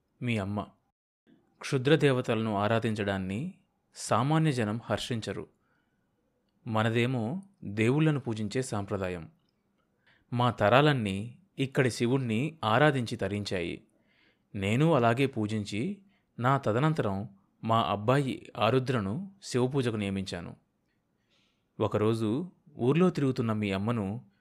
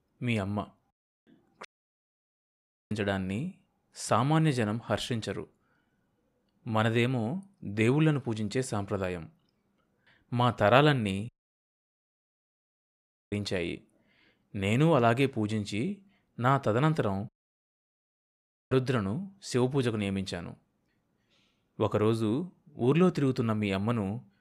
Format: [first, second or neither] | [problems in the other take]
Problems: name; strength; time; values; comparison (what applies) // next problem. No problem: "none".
first | audio cutting out; at 1.5 s for 1.5 s, at 11 s for 2 s and at 17 s for 1.5 s